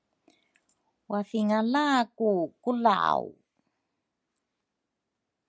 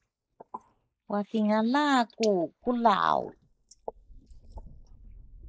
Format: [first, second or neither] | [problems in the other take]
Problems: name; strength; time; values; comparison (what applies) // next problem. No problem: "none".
first | noise reduction (neural mask model Resemble Enhance denoiser)